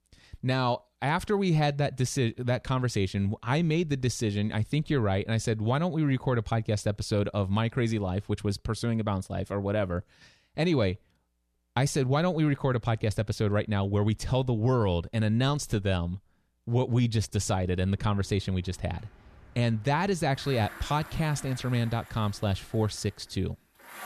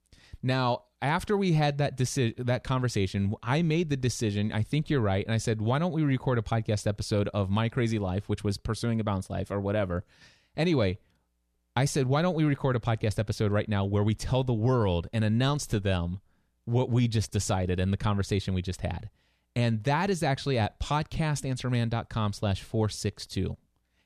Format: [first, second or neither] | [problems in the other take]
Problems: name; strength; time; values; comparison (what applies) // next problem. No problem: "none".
second | traffic noise; faint; from 18 s on; 20 dB below the speech